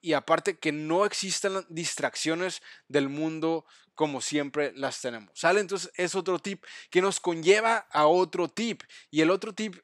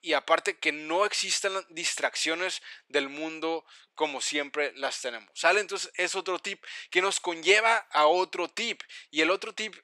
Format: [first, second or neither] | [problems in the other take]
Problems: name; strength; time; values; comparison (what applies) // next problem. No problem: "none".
first | thin; somewhat; fading below 450 Hz